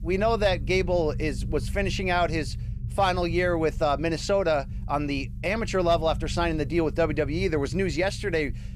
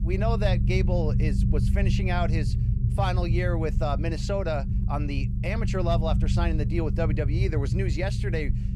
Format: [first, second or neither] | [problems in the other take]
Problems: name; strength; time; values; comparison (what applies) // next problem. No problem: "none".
first | low rumble; loud; throughout; 8 dB below the speech; faint in the first